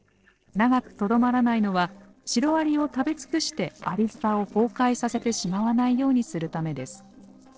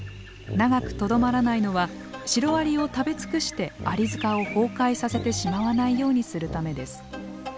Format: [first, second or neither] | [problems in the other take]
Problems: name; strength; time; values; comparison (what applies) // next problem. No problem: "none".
second | noise reduction (neural separator model SepFormer DNS4)